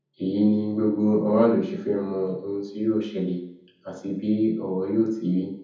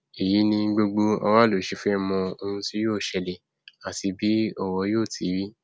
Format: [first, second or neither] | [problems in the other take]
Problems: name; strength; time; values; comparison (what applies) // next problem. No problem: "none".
second | room echo; dies away in 0.7 s